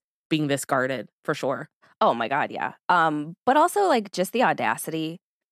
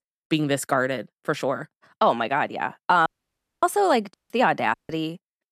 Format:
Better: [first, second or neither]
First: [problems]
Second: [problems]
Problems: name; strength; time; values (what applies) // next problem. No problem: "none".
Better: first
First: none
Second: audio cutting out; at 3 s for 0.5 s, at 4 s and at 4.5 s